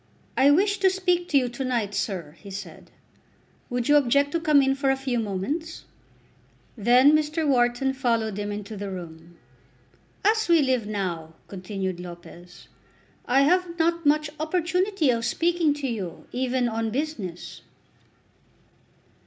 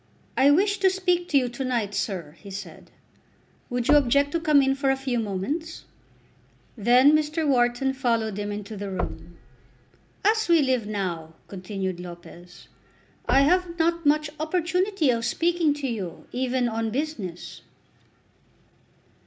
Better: first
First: none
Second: background sound (Knock); 12 dB below the speech

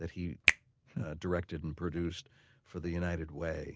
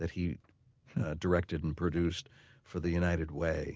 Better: second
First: background sound (Finger snapping); 1 dB above the speech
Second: none

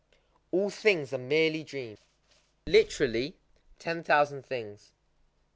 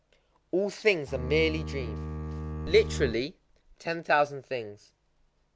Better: first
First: none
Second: background sound (Bowed string instrument); 5 dB below the speech

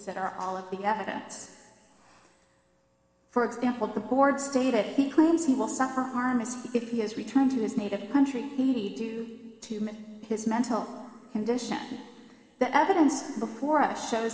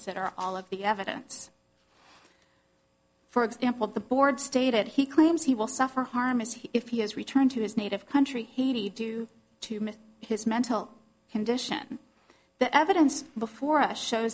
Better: second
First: room echo; dies away in 2.4 s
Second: none

